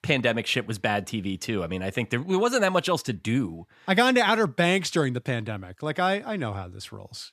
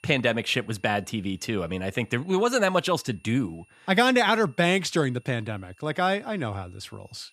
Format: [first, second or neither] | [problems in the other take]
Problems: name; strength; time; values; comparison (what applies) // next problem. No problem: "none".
first | high-pitched whine; faint; throughout; 2.5 kHz, 35 dB below the speech